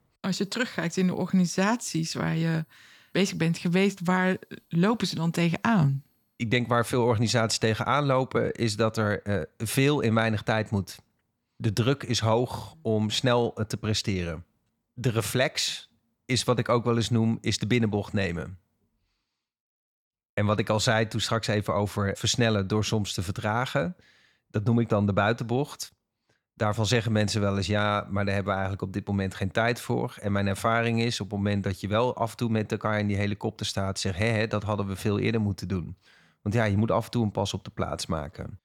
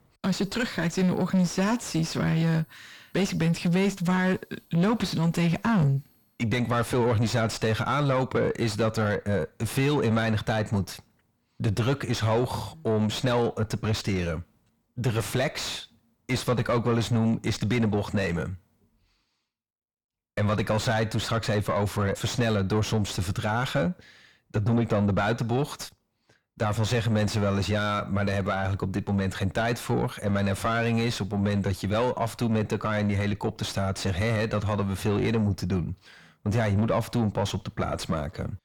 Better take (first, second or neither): first